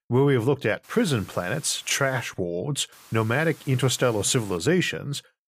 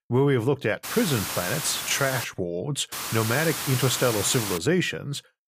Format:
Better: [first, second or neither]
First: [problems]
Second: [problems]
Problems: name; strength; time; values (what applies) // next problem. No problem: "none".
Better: first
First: hiss; faint; from 1 to 2 s and from 3 to 4.5 s; 25 dB below the speech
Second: hiss; loud; from 1 to 2 s and from 3 to 4.5 s; 5 dB below the speech